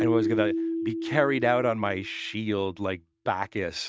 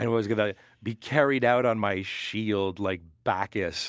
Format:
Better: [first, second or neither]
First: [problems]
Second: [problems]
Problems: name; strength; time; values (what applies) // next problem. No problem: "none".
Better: second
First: noise reduction (neural mask model RNNoise)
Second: none